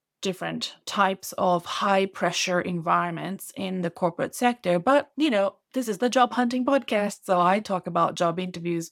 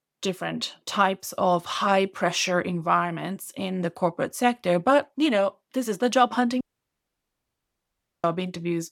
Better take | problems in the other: first | audio cutting out; at 6.5 s for 1.5 s

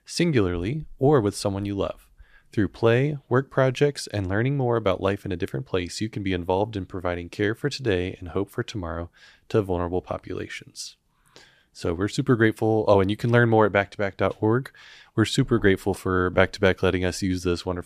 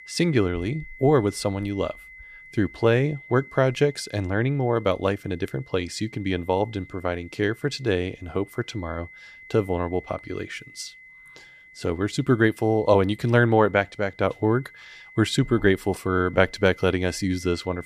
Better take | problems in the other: first | high-pitched whine; faint; throughout; 2 kHz, 20 dB below the speech

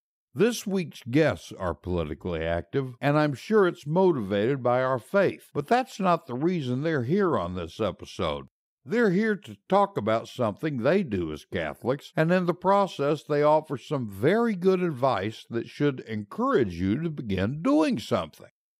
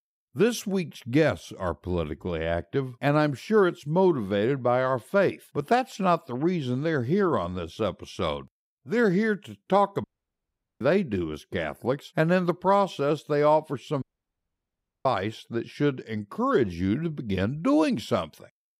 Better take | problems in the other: first | audio cutting out; at 10 s for 1 s and at 14 s for 1 s

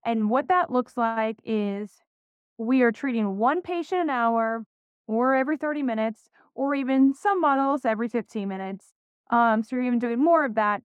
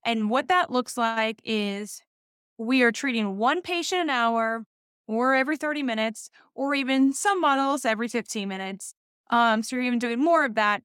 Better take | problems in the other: second | muffled; very; fading above 2.5 kHz

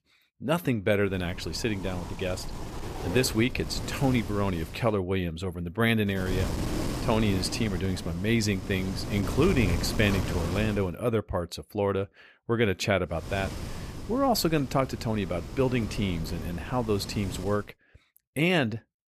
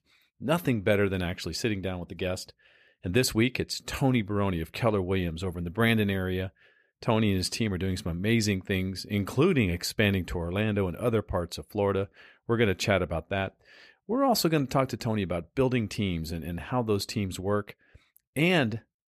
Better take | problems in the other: second | wind noise on the microphone; occasional gusts; from 1 to 5 s, from 6 to 11 s and from 13 to 18 s; 10 dB below the speech

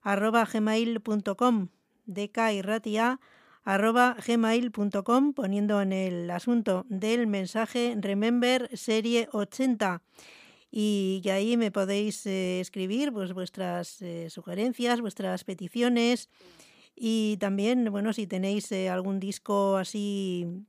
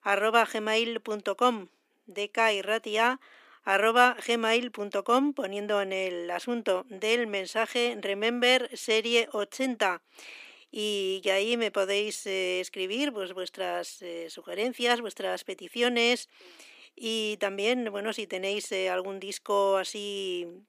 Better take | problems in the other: first | thin; somewhat; fading below 300 Hz

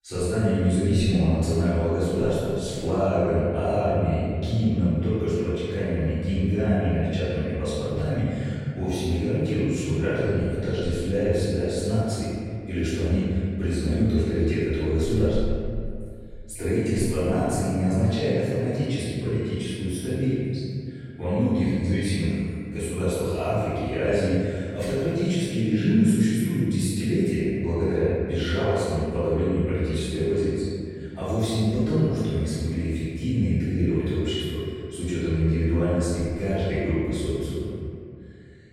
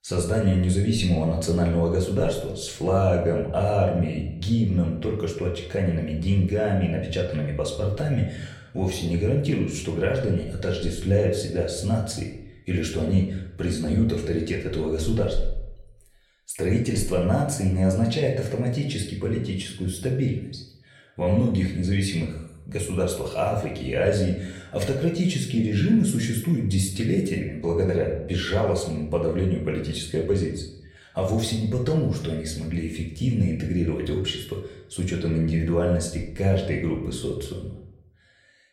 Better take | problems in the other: second | room echo; strong; dies away in 2.2 s; slight in the second // off-mic speech; far; far in the second

